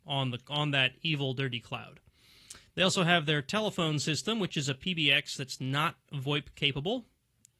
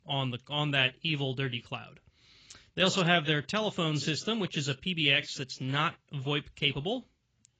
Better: first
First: garbled, watery; slightly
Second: garbled, watery; badly; nothing above 7.5 kHz

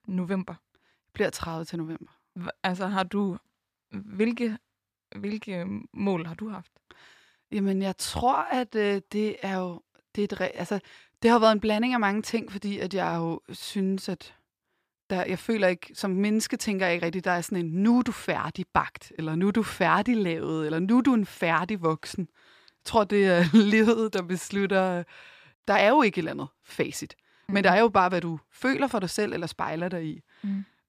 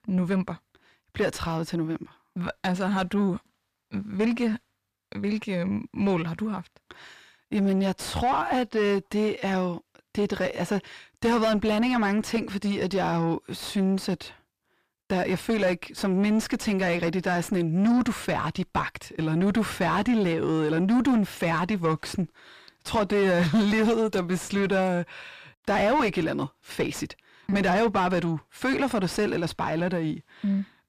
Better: first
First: none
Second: distortion; heavy; 6 dB below the speech

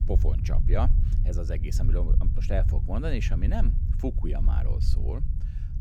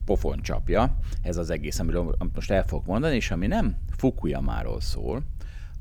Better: second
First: low rumble; loud; throughout; 7 dB below the speech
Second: low rumble; faint; throughout; 25 dB below the speech

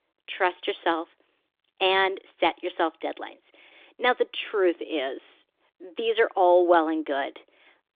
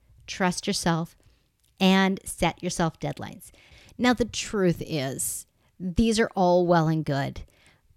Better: second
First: phone-call audio; nothing above 3.5 kHz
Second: none

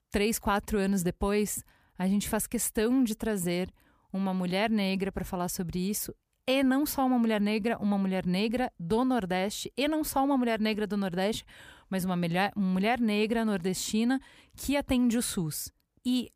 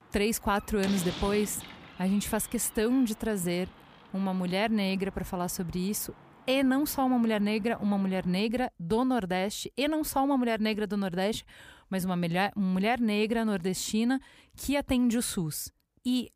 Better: first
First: none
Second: door banging; noticeable; until 8.5 s; peak 7 dB below the speech

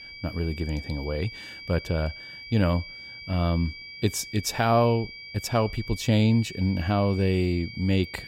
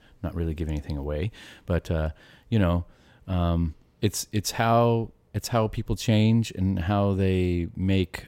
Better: second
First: high-pitched whine; noticeable; throughout; 2.5 kHz, 15 dB below the speech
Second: none

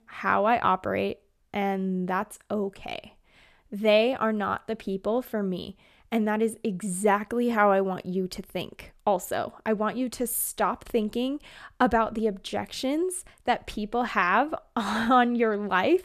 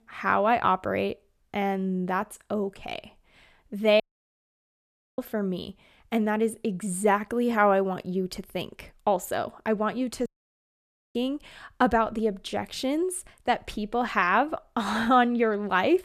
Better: first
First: none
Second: audio cutting out; at 4 s for 1 s and at 10 s for 1 s

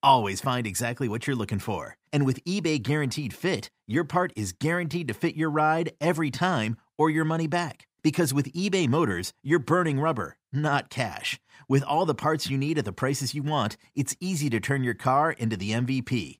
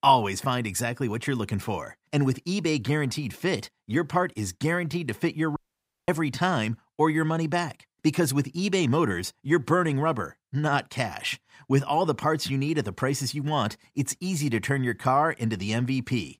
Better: first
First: none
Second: audio cutting out; at 5.5 s for 0.5 s

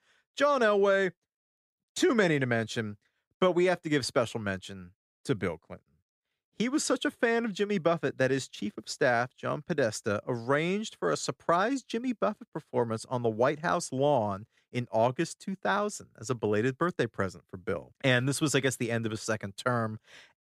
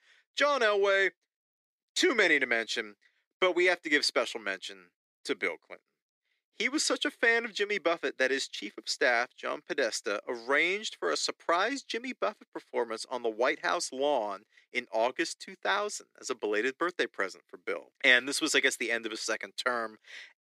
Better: first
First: none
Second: thin; somewhat; fading below 300 Hz

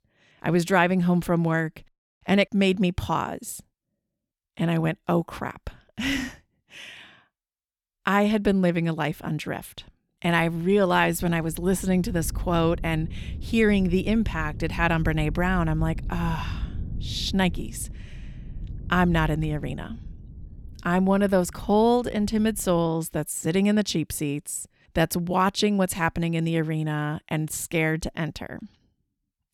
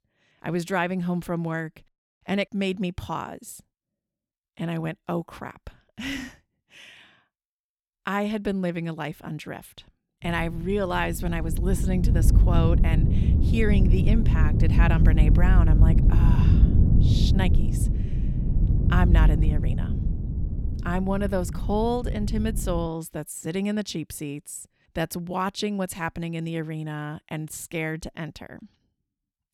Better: first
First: wind noise on the microphone; occasional gusts; from 10 to 23 s; 25 dB below the speech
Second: wind noise on the microphone; heavy; from 10 to 23 s; 5 dB below the speech

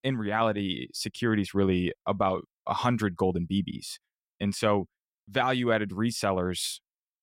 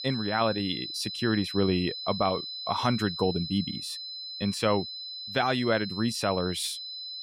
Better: first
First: none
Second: high-pitched whine; loud; throughout; 4 kHz, 6 dB below the speech

